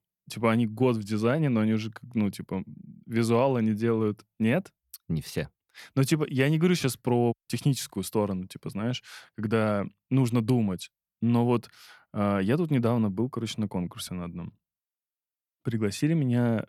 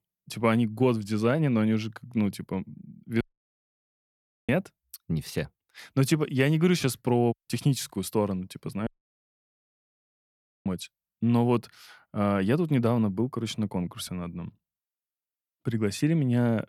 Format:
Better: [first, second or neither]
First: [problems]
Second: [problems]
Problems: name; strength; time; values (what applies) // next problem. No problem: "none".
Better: first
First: none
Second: audio cutting out; at 3 s for 1.5 s and at 9 s for 2 s